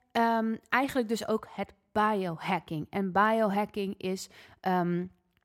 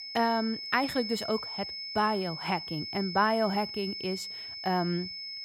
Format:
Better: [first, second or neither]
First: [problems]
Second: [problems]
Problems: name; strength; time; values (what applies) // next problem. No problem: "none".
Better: first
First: none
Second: high-pitched whine; loud; throughout; 5 kHz, 6 dB below the speech